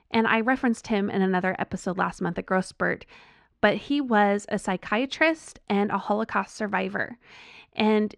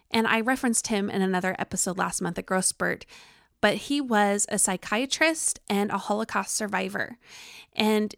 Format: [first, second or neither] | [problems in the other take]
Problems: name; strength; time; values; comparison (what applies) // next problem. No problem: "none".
second | muffled; slightly; fading above 2.5 kHz